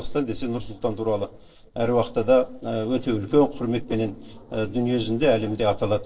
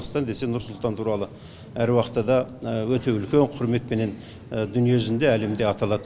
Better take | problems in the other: second | noise reduction (neural separator model SepFormer DNS4)

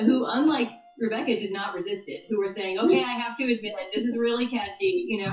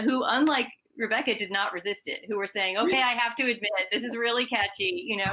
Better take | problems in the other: second | noise reduction (classical method WPE with log-MMSE)

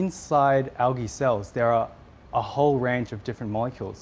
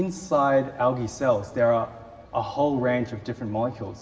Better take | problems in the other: first | room echo; dies away in 1.3 s

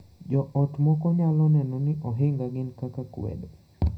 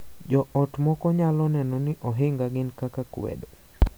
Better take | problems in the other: second | room echo; dies away in 0.4 s

